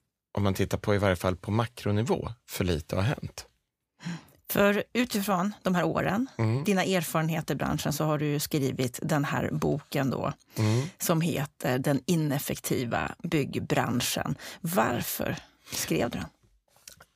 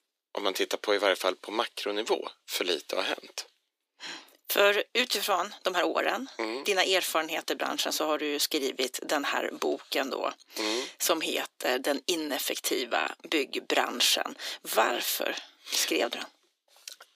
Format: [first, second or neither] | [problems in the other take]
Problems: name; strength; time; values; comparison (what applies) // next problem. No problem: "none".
first | thin; very; fading below 300 Hz